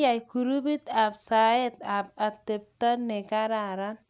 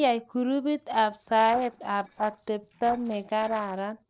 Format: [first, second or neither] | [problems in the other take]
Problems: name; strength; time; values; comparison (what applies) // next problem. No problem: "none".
first | noise reduction (neural separator model SepFormer DNS4)